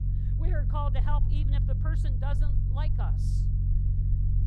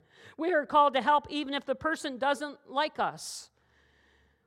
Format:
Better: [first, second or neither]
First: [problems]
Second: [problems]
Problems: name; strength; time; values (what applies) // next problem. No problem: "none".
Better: second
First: low rumble; loud; throughout; 4 dB below the speech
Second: none